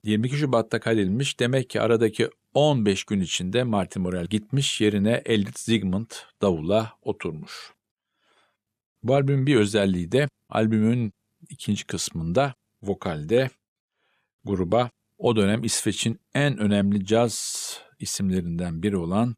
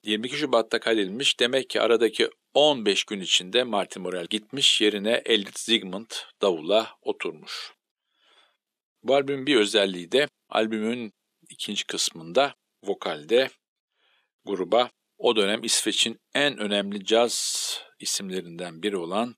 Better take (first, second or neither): first